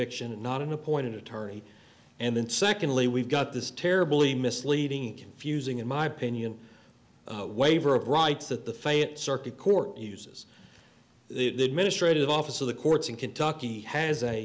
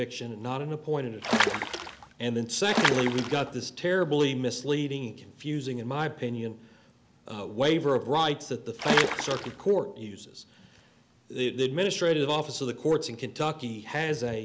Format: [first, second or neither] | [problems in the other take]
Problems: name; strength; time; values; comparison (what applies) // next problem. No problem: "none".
first | background sound (Water / Splash, splatter); 1 dB above the speech